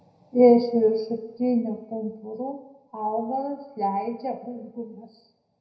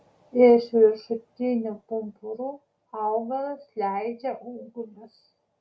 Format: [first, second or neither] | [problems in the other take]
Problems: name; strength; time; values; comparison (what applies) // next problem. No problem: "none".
second | room echo; dies away in 0.8 s